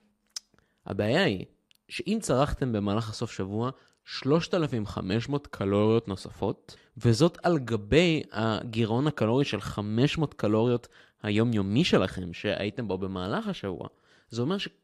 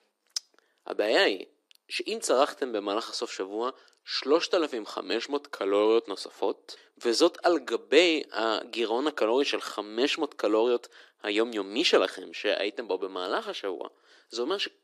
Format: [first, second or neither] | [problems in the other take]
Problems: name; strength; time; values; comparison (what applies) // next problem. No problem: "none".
first | thin; somewhat; fading below 300 Hz